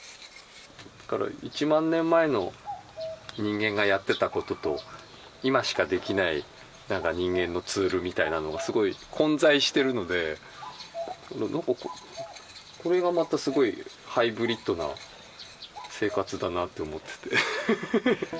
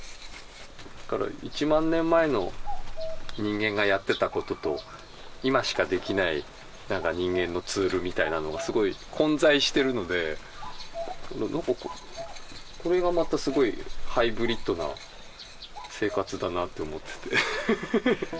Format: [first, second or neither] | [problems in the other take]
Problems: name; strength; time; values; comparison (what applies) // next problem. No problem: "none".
first | background sound (Livestock, farm animals, working animals); 8 dB below the speech